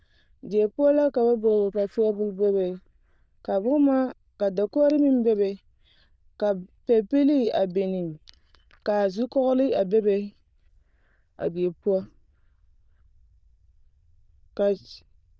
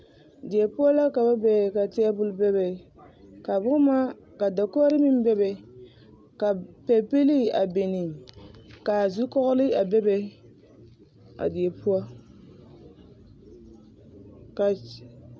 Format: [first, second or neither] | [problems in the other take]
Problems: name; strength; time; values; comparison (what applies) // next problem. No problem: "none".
second | noise reduction (neural diffusion model UNIVERSE++)